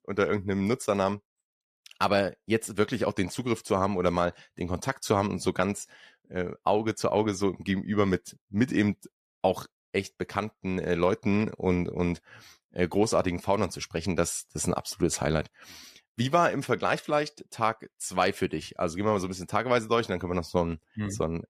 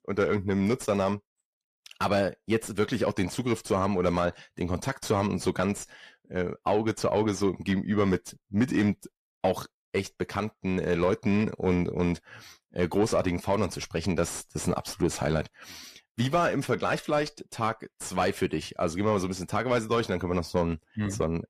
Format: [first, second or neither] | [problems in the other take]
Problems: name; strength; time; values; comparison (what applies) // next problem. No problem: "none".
first | distortion; slight; 10 dB below the speech